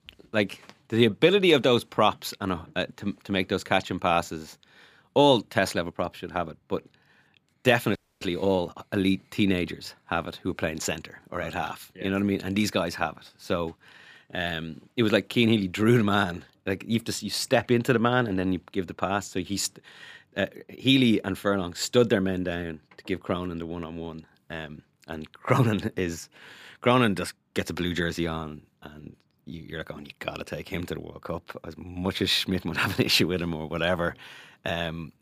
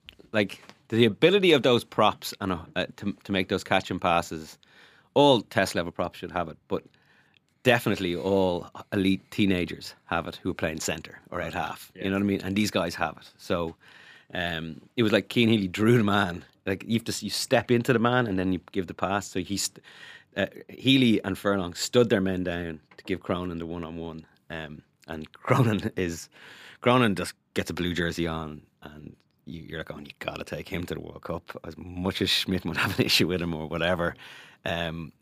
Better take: second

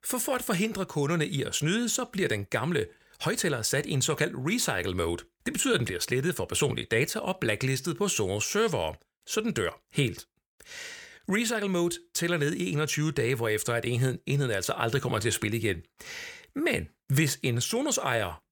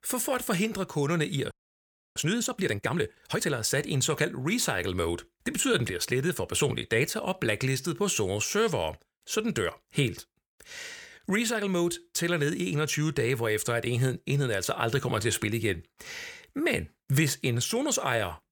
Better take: first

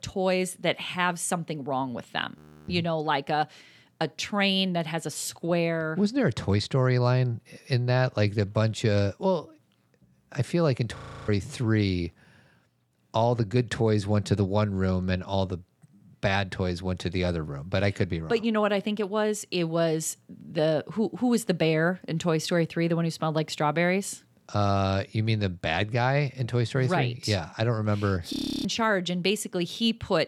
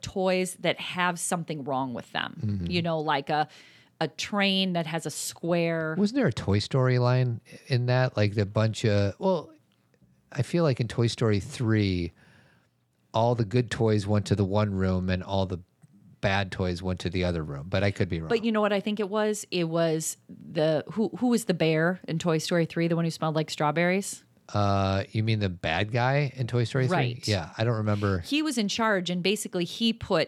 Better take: second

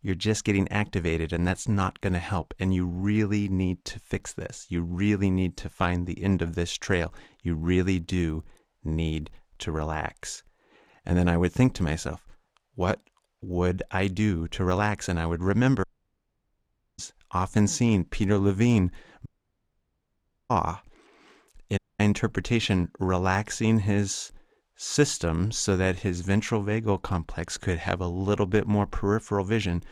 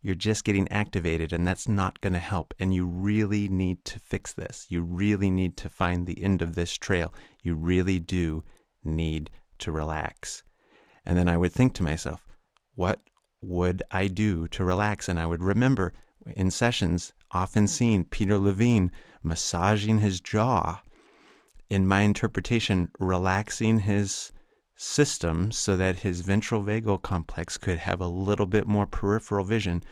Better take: second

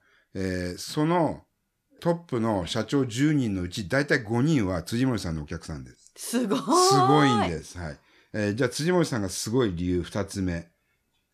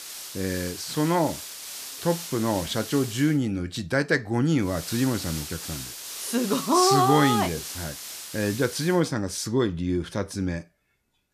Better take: first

